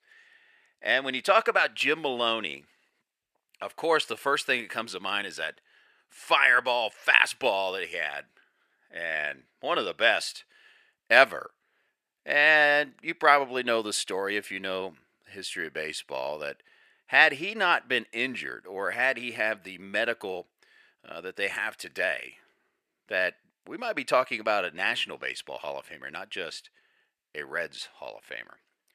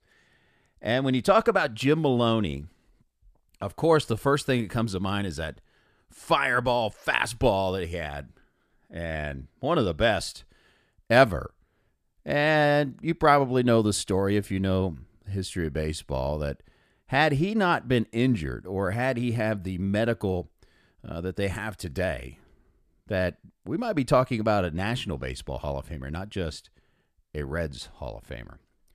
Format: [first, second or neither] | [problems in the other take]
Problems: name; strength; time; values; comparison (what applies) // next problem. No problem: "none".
second | thin; very; fading below 500 Hz